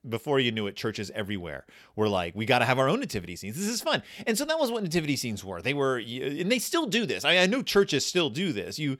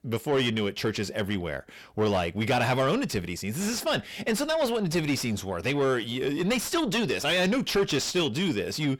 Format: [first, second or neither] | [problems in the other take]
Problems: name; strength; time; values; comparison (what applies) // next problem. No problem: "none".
first | distortion; heavy; 8 dB below the speech